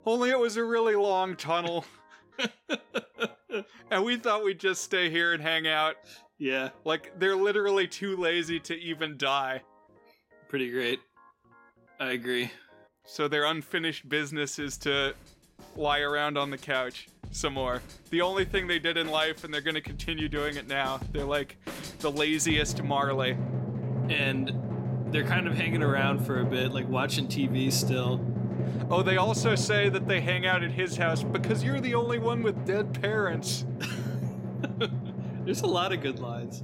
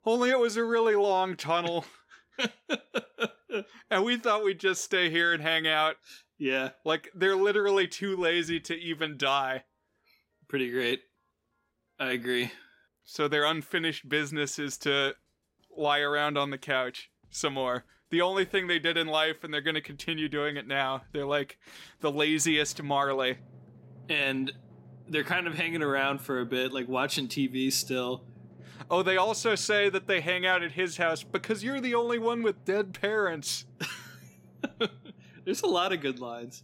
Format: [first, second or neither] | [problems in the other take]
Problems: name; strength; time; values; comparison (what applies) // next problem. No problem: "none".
second | background music; loud; throughout; 4 dB below the speech; faint in the second